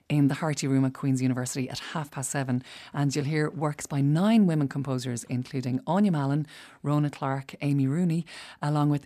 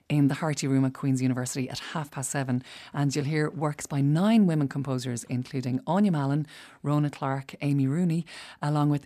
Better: neither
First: none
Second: none

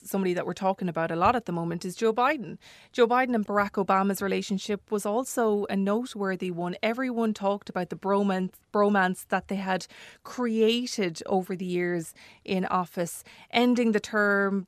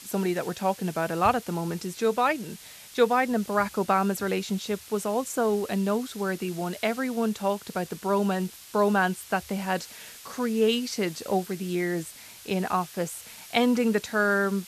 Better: first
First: none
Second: hiss; noticeable; throughout; 15 dB below the speech

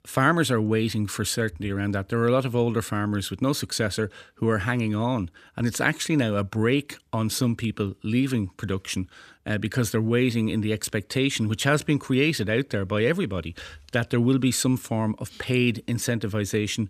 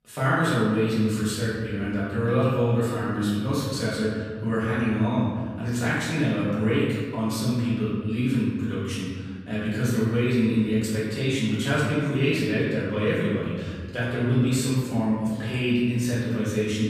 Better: first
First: none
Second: off-mic speech; far // room echo; strong; dies away in 1.6 s

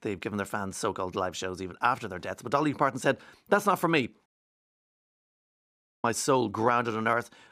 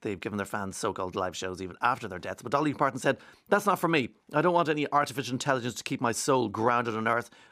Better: second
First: audio cutting out; at 4.5 s for 2 s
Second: none

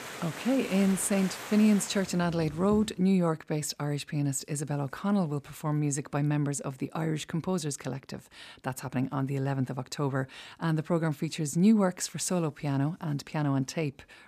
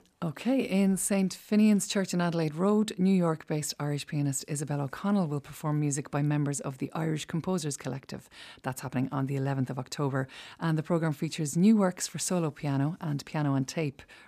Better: second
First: rain or running water; noticeable; until 3 s; 10 dB below the speech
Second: none

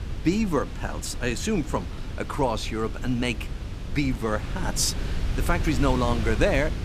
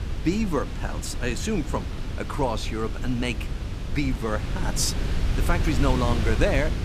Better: first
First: wind noise on the microphone; occasional gusts; 10 dB below the speech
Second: wind noise on the microphone; heavy; 8 dB below the speech

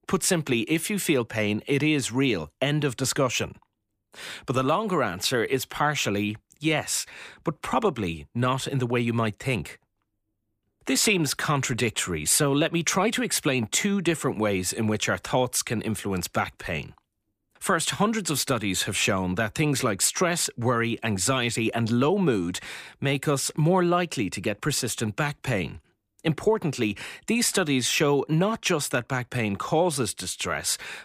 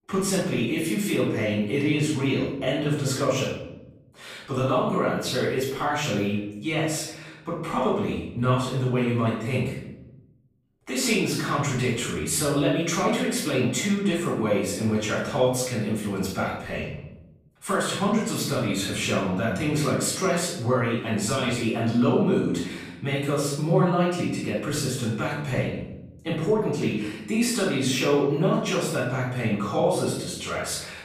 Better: first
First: none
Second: room echo; noticeable; dies away in 0.8 s // off-mic speech; far

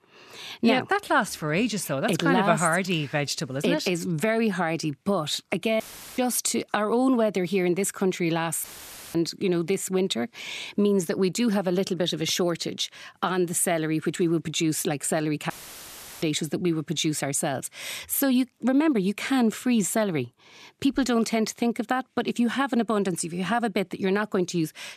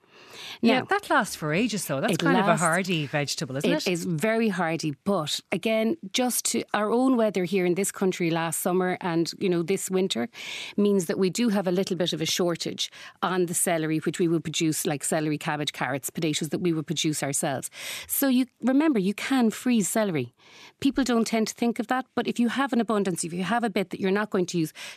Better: second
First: audio cutting out; filled with static; at 6 s, at 8.5 s for 0.5 s and at 16 s for 0.5 s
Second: none

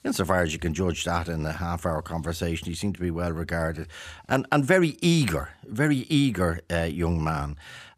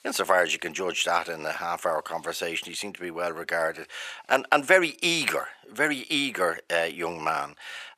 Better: first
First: none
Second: thin; very; fading below 550 Hz

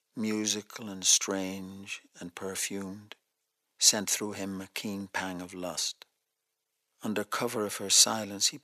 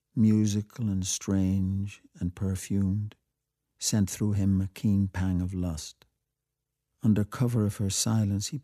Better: second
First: thin; very; fading below 600 Hz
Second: none

